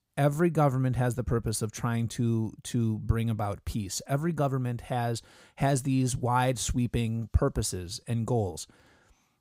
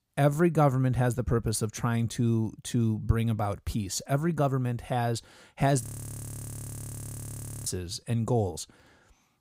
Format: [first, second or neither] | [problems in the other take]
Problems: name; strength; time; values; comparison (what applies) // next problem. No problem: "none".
first | audio freezing; at 6 s for 2 s